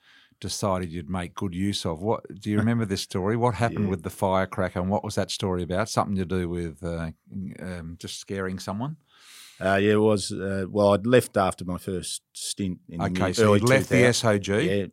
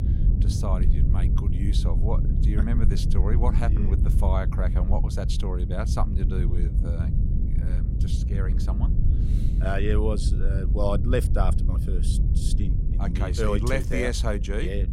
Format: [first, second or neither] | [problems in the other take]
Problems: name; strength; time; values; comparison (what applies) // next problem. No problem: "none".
first | low rumble; loud; throughout; 7 dB below the speech